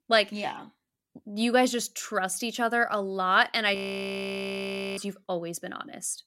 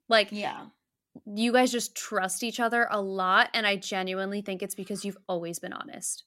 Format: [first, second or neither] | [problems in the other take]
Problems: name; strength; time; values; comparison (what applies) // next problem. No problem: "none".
second | audio freezing; at 4 s for 1 s